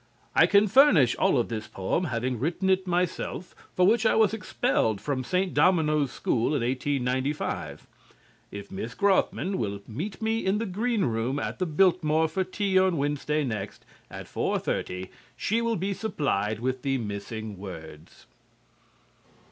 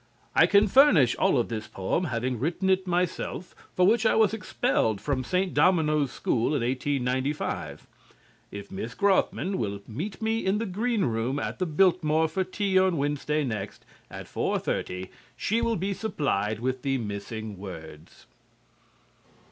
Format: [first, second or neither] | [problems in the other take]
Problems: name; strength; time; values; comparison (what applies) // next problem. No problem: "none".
first | background sound (Bass drum); 12 dB below the speech